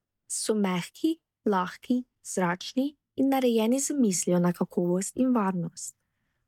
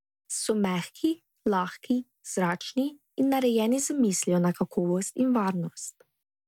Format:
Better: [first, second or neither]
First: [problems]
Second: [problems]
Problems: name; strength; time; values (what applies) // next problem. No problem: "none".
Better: second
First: noise reduction (neural mask model DeepFilterNet 3)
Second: none